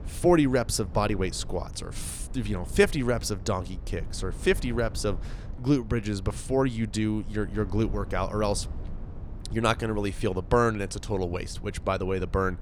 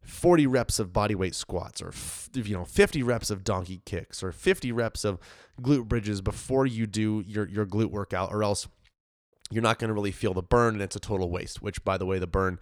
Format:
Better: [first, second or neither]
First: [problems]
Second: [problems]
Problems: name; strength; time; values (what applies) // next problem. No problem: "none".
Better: second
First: low rumble; faint; throughout; 20 dB below the speech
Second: none